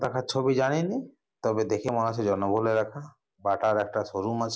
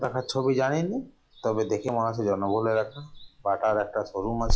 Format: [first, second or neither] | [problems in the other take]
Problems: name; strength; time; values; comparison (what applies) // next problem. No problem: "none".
first | noise reduction (classical method log-MMSE)